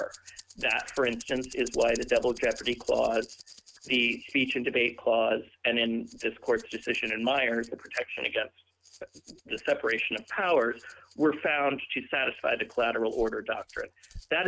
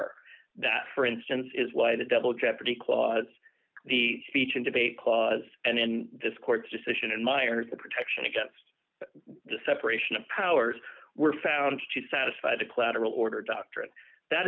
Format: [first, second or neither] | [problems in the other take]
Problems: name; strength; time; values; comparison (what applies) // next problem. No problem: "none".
second | noise reduction (neural mask model RNNoise)